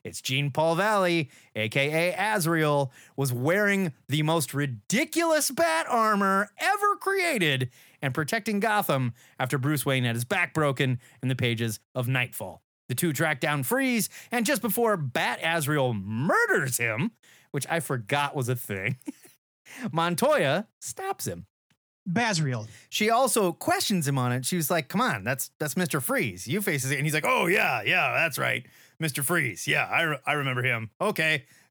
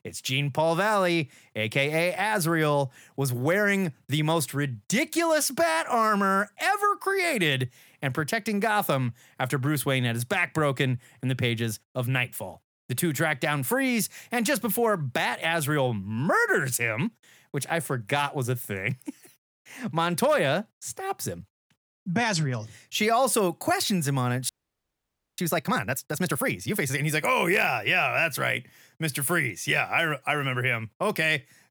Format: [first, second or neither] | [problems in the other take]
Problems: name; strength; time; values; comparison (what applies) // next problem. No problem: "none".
first | audio freezing; at 24 s for 1 s